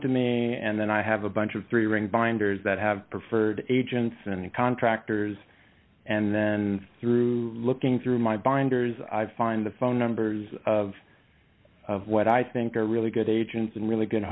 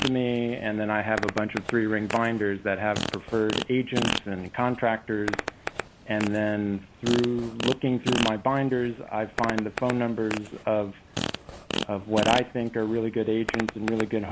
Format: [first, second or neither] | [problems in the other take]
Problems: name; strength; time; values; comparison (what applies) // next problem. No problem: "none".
first | background sound (Fart); 7 dB below the speech